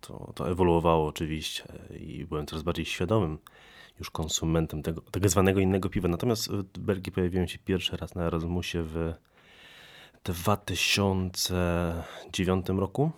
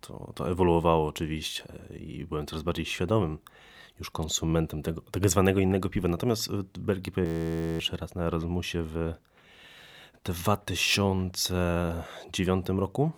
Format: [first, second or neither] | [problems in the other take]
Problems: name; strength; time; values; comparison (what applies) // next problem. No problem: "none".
first | audio freezing; at 7.5 s for 0.5 s